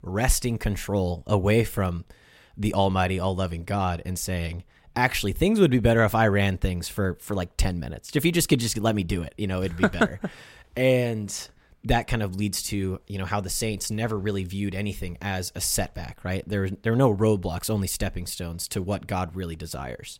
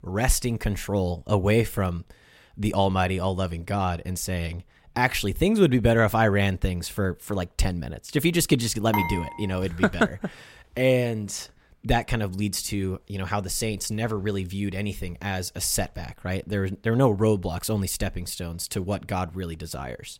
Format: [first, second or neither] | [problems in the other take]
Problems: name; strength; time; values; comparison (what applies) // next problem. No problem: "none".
first | clattering dishes; noticeable; at 9 s; peak 2 dB below the speech